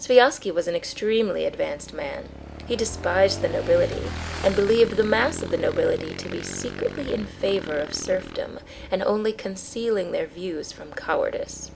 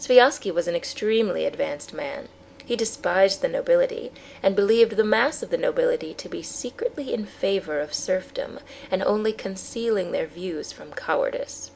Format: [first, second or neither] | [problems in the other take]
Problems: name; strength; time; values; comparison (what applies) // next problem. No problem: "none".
second | background sound (Motorcycle / Engine); 12 dB below the speech